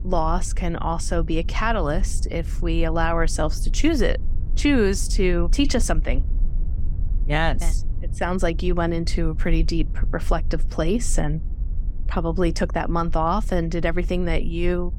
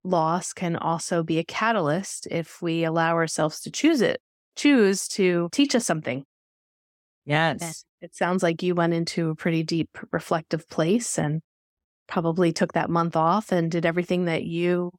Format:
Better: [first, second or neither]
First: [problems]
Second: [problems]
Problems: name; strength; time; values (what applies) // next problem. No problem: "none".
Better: second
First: low rumble; faint; throughout; 20 dB below the speech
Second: none